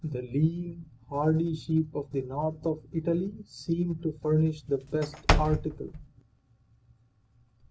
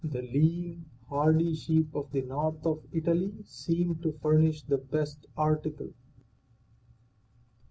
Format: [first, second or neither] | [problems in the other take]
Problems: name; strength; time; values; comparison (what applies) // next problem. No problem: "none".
second | background sound (Slam / Wood); as loud as the speech